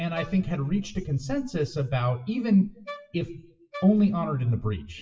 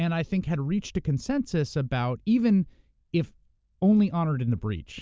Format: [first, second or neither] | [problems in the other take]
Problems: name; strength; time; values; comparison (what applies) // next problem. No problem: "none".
second | noise reduction (classical method WPE with log-MMSE)